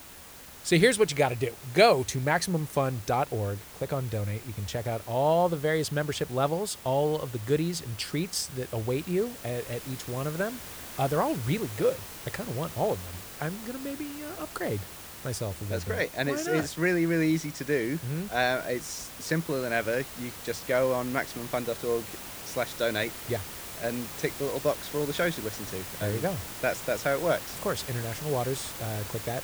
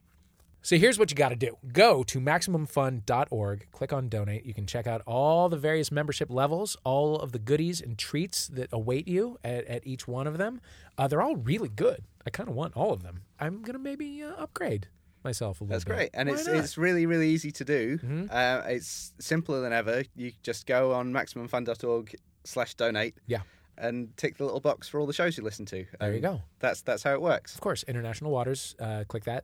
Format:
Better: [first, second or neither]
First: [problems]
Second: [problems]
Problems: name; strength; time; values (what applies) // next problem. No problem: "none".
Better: second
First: hiss; noticeable; throughout; 10 dB below the speech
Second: none